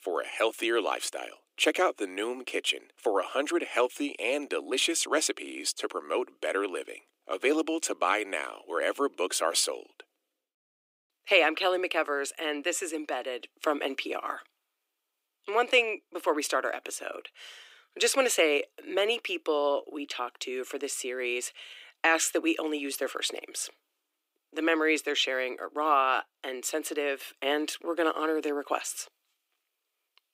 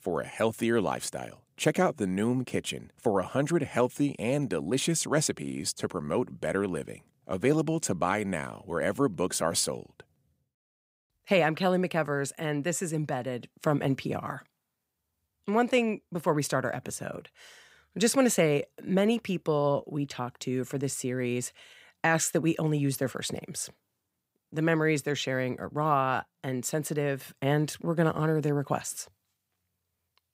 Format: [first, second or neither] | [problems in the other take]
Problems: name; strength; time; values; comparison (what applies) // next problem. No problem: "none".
second | thin; somewhat; fading below 300 Hz